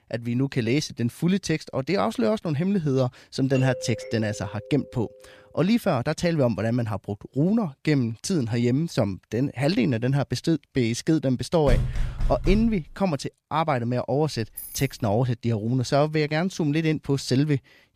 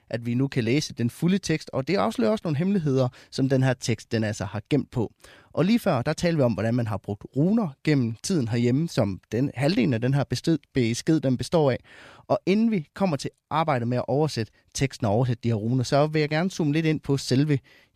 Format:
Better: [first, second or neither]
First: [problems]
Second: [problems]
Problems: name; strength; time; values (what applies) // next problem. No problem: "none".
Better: second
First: doorbell; noticeable; from 3.5 to 5.5 s; peak 9 dB below the speech // door banging; noticeable; from 12 to 13 s; peak 2 dB below the speech // jangling keys; faint; at 14 s; peak 10 dB below the speech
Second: none